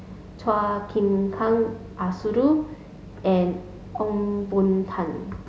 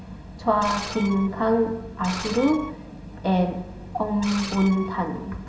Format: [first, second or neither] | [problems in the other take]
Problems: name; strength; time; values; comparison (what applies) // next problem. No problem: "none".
first | background sound (Screech); 12 dB below the speech // room echo; dies away in 2.1 s